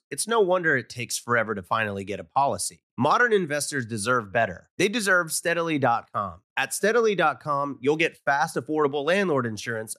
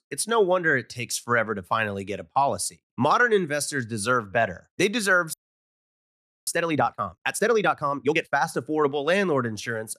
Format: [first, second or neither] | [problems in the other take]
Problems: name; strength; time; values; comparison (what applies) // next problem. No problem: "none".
first | audio freezing; at 5.5 s for 1 s